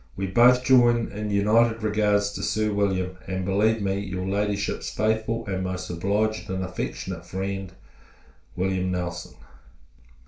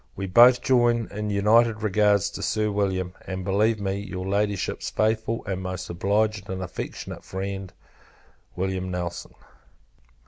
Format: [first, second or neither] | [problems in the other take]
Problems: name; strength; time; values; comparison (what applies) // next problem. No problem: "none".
second | room echo; dies away in 0.3 s